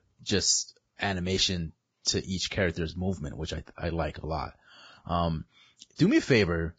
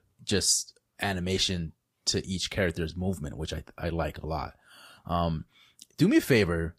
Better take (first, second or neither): second